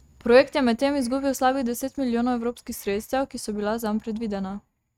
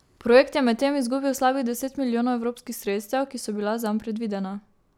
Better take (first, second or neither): second